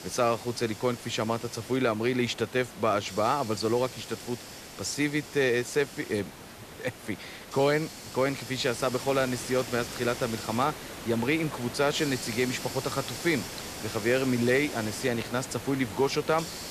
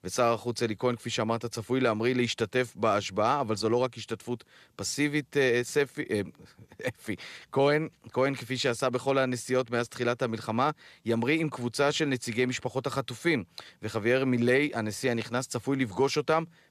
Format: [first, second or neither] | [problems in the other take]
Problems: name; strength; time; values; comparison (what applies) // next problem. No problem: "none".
second | hiss; noticeable; throughout; 10 dB below the speech